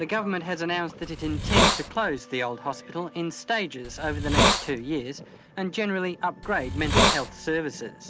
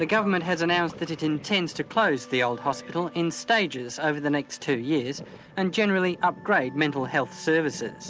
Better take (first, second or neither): second